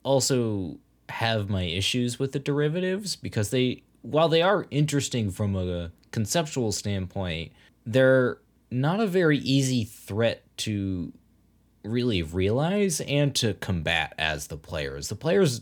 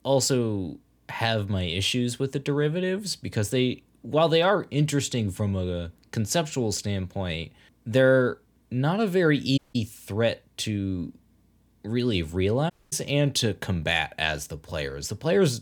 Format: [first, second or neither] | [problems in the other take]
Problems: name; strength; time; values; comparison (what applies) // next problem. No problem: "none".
first | audio cutting out; at 9.5 s and at 13 s